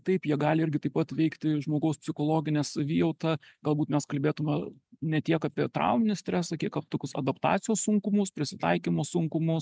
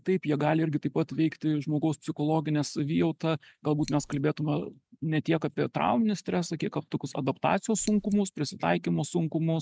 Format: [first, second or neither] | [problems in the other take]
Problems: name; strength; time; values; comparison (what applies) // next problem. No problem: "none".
first | background sound (Scissors); 19 dB below the speech